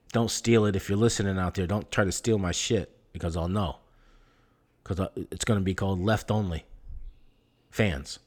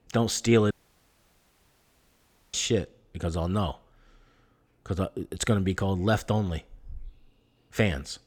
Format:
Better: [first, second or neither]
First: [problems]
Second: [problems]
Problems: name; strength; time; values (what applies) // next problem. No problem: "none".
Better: first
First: none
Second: audio cutting out; at 0.5 s for 2 s